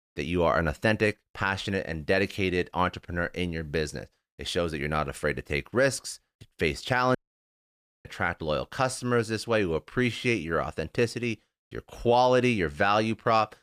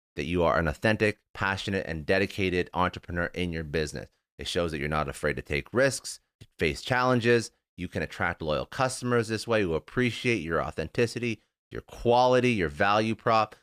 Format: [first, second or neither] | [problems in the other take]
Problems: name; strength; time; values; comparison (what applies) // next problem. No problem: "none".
second | audio cutting out; at 7 s for 1 s